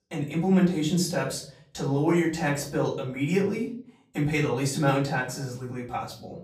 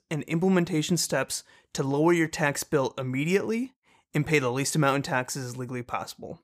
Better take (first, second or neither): second